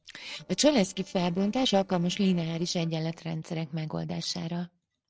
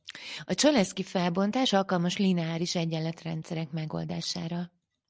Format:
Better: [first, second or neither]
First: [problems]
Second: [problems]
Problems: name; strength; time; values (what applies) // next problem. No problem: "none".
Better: second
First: noise reduction (neural separator model SepFormer DNS4)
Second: none